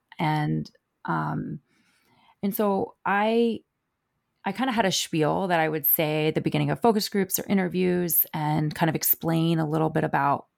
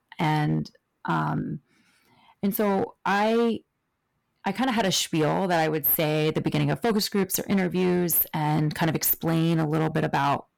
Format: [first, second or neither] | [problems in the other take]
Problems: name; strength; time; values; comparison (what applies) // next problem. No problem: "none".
first | distortion; slight; 10% of the sound clipped